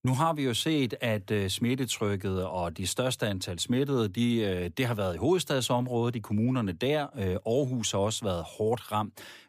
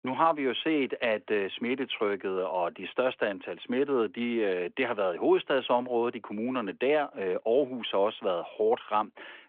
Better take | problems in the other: first | phone-call audio; nothing above 3.5 kHz

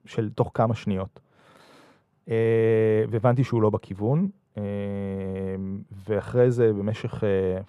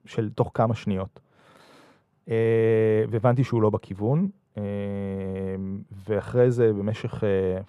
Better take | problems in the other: neither | muffled; very; fading above 2 kHz; the same in both

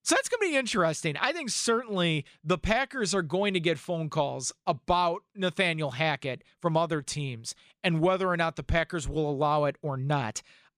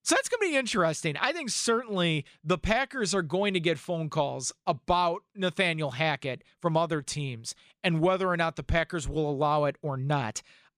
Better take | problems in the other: neither | none

